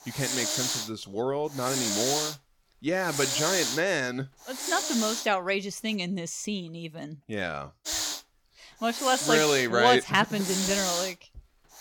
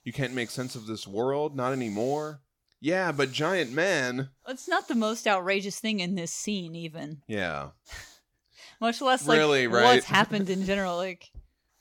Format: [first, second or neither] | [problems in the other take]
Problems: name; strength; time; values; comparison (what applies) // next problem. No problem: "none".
second | hiss; loud; until 6 s and from 8 s on; 2 dB below the speech; faint in the second